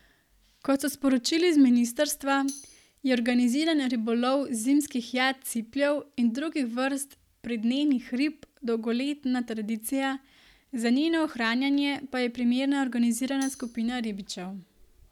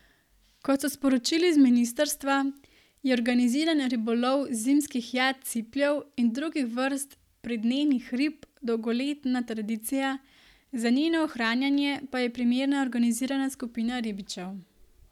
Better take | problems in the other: second | background sound (Tambourine); 18 dB below the speech

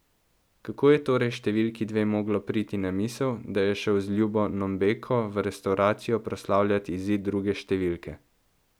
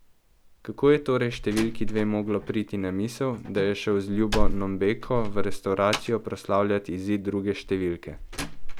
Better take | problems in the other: first | background sound (Slam); 3 dB below the speech

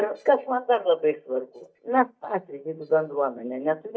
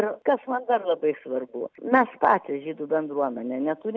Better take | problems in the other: second | noise reduction (neural mask model DeepFilterNet 3)

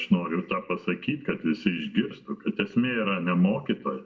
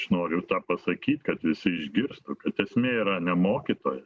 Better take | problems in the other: second | room echo; dies away in 0.5 s

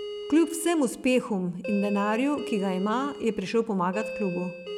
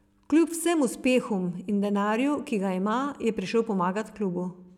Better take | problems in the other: second | background sound (Doorbell); 11 dB below the speech

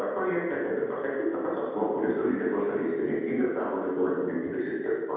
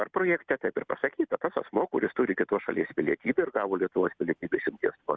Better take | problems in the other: second | room echo; dies away in 1.2 s

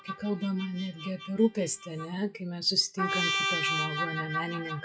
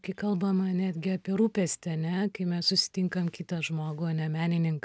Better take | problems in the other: second | noise reduction (classical method WPE with log-MMSE)

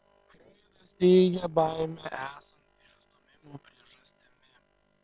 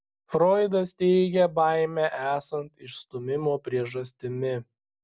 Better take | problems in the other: second | noise reduction (neural separator model SepFormer WHAM!)

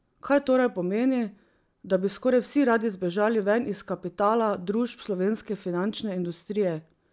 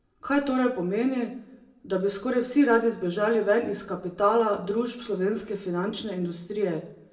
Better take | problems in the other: first | room echo; dies away in 0.6 s

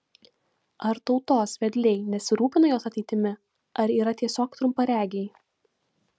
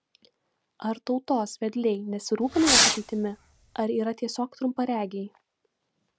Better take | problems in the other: first | background sound (Fireworks); 4 dB above the speech

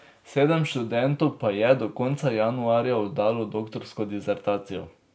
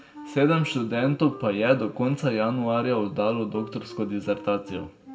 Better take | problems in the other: first | background sound (Wind instrument, woodwind instrument); 19 dB below the speech // room echo; dies away in 0.7 s

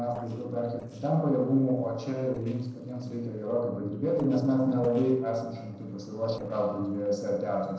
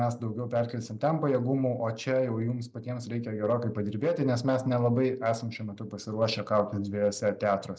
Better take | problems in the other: second | noise reduction (neural separator model SepFormer DNS4)

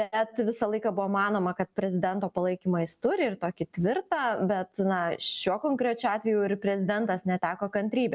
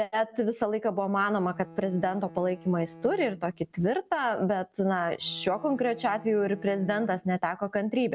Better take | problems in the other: first | background sound (Bowed string instrument); 19 dB below the speech

